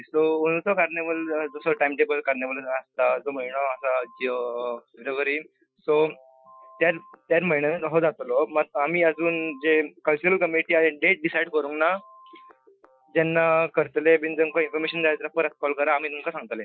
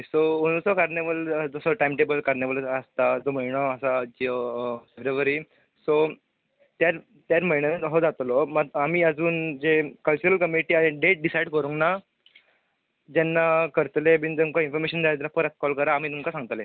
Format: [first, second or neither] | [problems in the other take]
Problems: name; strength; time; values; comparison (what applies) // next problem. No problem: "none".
second | noise reduction (classical method Wiener filter)